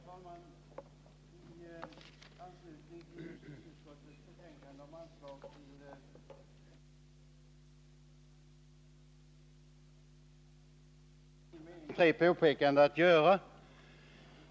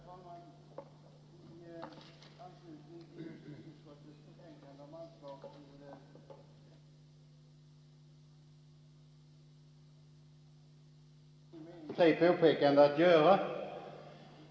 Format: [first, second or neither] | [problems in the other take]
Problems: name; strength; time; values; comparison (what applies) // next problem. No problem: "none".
first | room echo; dies away in 2.2 s